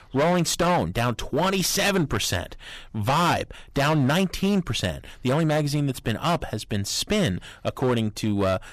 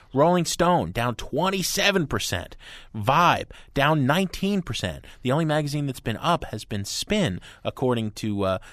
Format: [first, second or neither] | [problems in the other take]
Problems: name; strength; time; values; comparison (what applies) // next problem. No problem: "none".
second | distortion; heavy; 13% of the sound clipped